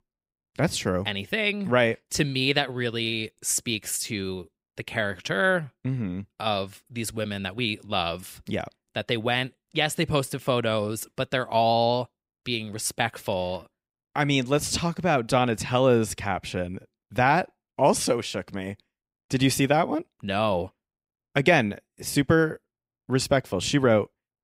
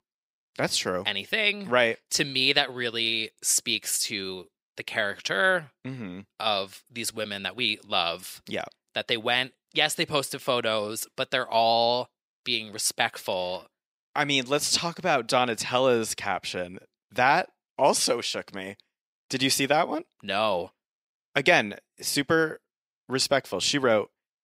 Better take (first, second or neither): first